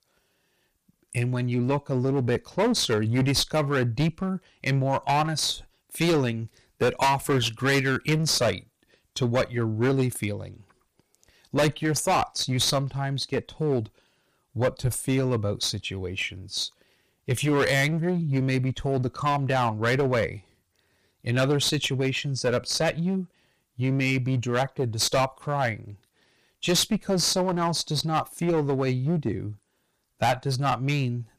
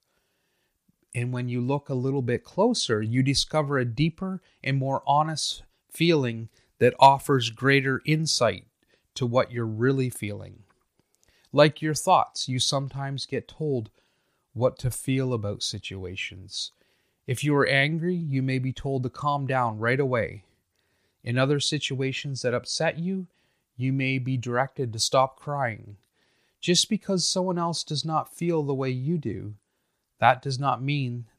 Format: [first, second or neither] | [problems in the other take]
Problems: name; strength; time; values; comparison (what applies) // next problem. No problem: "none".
second | distortion; heavy; 12% of the sound clipped